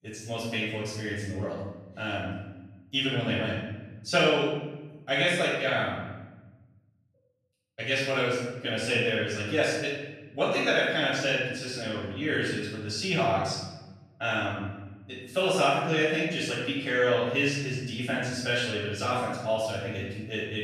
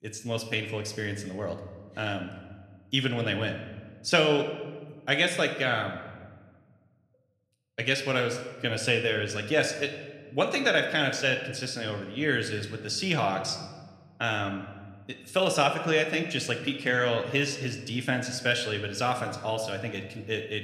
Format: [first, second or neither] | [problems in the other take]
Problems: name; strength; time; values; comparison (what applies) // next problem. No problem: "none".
second | room echo; strong; dies away in 1 s; slight in the second // off-mic speech; far